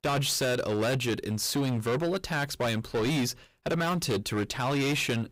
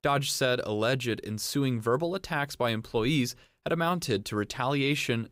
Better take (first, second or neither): second